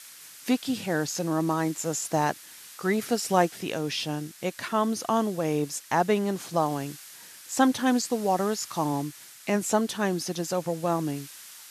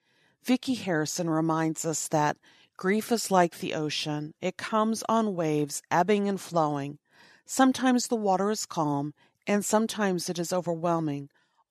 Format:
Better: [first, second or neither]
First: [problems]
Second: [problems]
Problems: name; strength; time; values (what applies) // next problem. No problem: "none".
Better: second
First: hiss; noticeable; throughout; 15 dB below the speech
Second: none